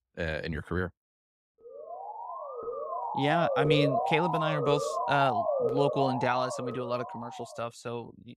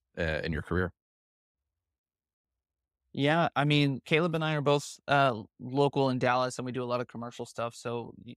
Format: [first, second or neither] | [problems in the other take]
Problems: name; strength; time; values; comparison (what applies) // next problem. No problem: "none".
second | siren; loud; from 2 to 7.5 s; peak 3 dB above the speech